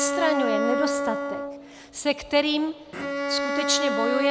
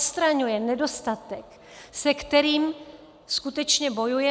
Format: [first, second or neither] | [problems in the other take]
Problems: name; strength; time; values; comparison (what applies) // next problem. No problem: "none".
second | background sound (Bowed string instrument); 1 dB below the speech